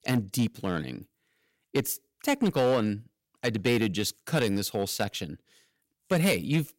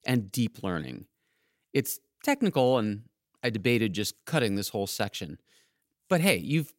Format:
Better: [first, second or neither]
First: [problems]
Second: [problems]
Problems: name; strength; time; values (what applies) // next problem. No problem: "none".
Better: second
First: distortion; slight; 3% of the sound clipped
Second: none